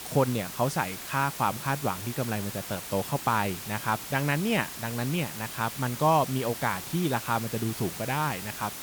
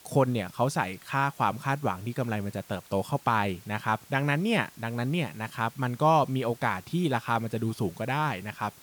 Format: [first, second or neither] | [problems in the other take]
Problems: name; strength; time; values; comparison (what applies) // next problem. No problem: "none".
second | hiss; loud; throughout; 8 dB below the speech; faint in the second